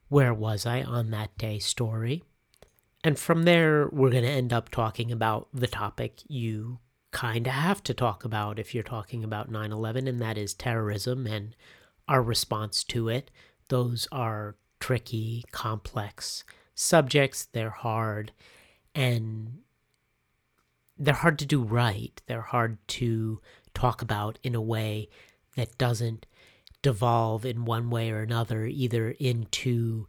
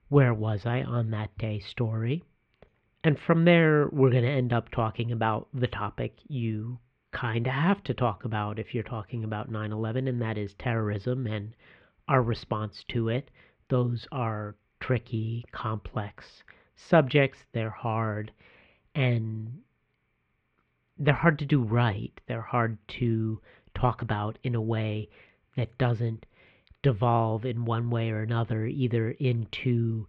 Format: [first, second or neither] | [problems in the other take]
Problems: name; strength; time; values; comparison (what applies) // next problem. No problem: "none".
first | muffled; very; fading above 3 kHz